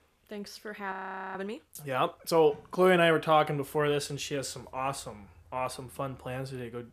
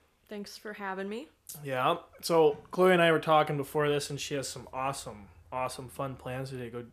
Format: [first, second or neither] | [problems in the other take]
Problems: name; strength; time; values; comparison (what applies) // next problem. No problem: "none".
second | audio freezing; at 1 s